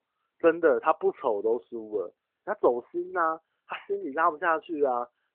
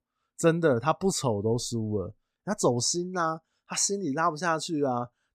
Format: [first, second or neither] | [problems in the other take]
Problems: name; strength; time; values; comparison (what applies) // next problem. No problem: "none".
second | phone-call audio